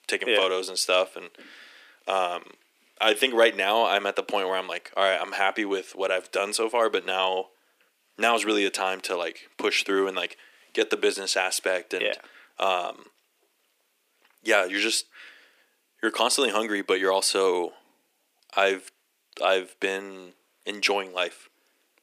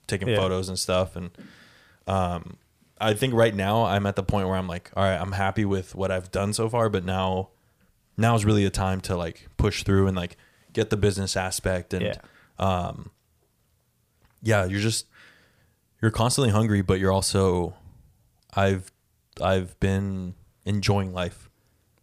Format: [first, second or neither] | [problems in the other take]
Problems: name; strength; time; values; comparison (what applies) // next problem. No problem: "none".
second | thin; very; fading below 300 Hz